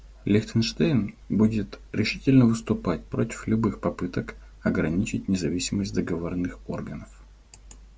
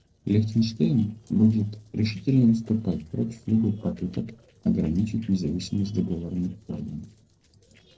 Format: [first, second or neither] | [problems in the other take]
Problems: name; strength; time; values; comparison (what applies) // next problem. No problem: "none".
first | noise reduction (neural separator model SepFormer DNS4)